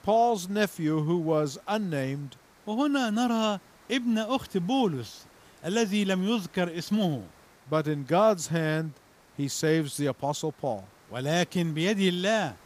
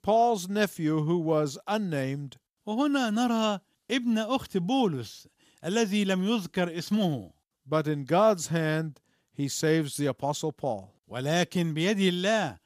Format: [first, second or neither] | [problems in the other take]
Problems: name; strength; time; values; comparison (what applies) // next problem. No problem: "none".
second | hiss; faint; throughout; 30 dB below the speech